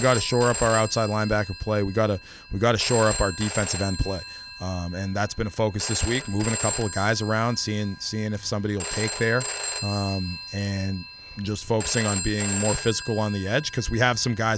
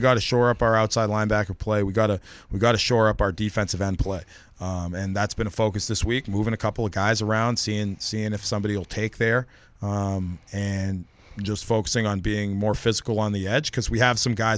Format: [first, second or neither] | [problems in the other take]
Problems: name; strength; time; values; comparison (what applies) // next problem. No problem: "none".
second | background sound (Telephone); 8 dB below the speech